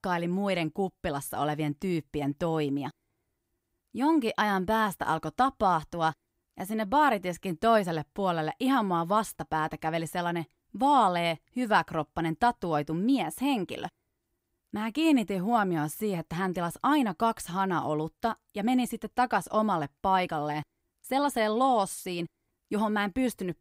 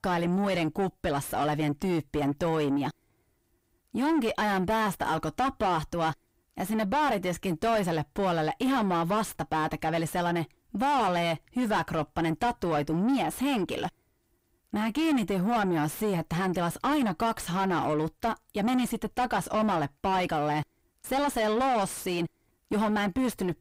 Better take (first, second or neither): first